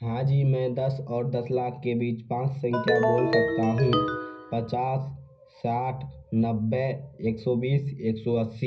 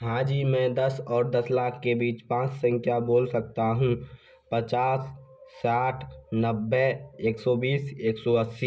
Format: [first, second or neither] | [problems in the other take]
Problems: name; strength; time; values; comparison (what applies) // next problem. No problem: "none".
second | background sound (Ringtone); as loud as the speech // room echo; dies away in 0.4 s